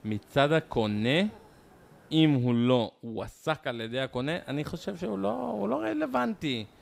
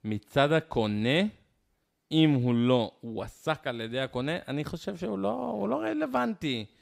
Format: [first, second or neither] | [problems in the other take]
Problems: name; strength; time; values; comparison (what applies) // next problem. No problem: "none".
second | hiss; faint; until 2.5 s and from 4.5 s on; 25 dB below the speech